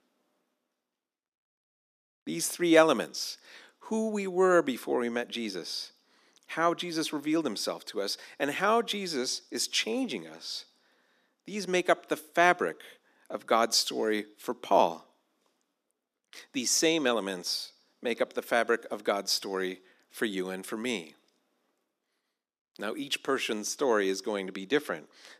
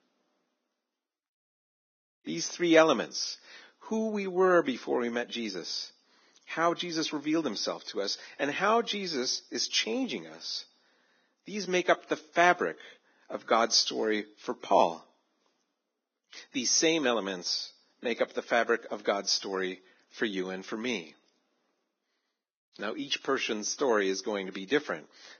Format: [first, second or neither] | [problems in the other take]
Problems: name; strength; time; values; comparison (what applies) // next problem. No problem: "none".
first | garbled, watery; badly; nothing above 6.5 kHz